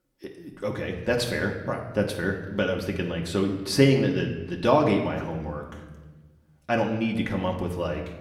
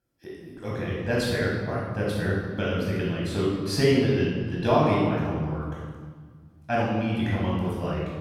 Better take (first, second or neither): first